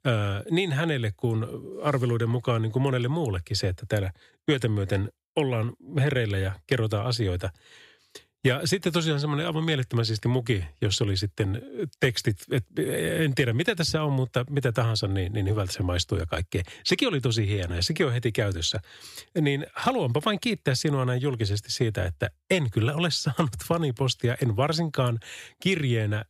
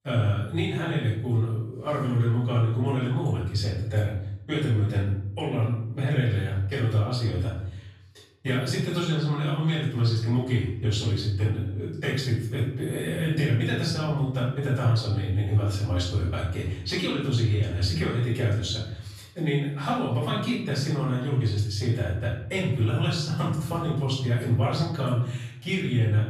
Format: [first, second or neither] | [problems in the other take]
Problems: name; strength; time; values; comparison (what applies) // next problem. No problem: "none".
first | off-mic speech; far // room echo; noticeable; dies away in 0.8 s